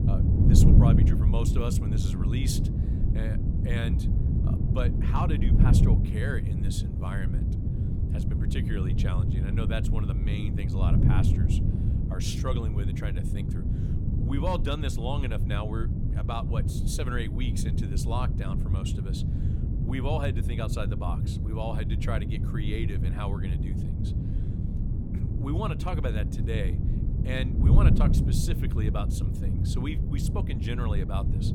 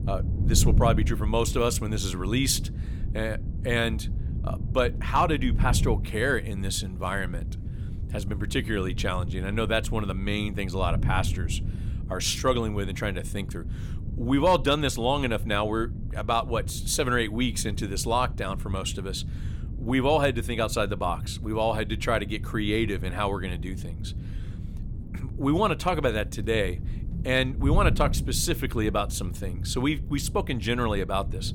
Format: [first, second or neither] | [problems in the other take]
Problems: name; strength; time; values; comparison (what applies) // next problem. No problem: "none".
second | wind noise on the microphone; heavy; 2 dB below the speech; occasional gusts in the second